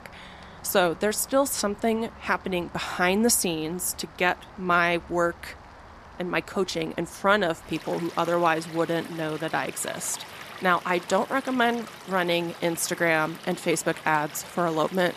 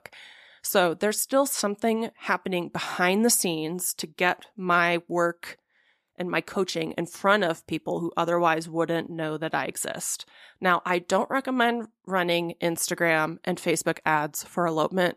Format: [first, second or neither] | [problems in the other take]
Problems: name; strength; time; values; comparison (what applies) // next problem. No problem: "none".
second | rain or running water; noticeable; throughout; 15 dB below the speech